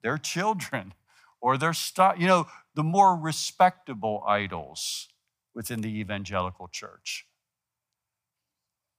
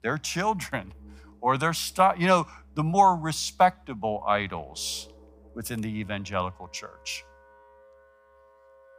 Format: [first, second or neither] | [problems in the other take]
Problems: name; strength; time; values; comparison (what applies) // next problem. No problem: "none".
first | background music; faint; throughout; 30 dB below the speech